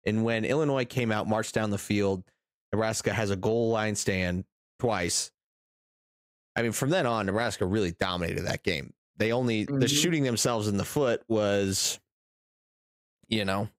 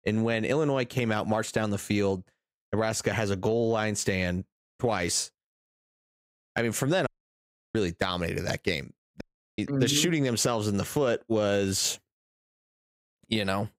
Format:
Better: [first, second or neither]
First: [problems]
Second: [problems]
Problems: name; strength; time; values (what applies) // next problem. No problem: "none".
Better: first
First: none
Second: audio cutting out; at 7 s for 0.5 s and at 9 s